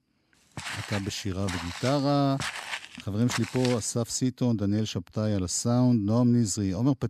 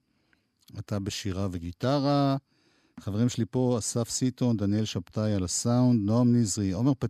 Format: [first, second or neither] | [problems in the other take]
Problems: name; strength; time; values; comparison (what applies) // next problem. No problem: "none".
second | footsteps; noticeable; from 0.5 to 4 s; peak 5 dB below the speech